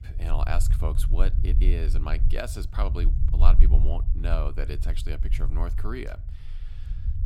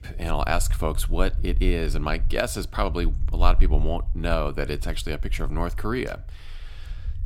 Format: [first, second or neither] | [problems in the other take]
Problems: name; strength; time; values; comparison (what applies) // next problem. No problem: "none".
second | low rumble; loud; throughout; 9 dB below the speech; faint in the second